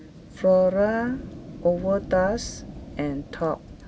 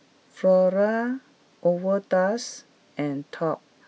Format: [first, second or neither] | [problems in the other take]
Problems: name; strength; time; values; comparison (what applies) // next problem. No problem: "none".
second | background sound (Fire); 14 dB below the speech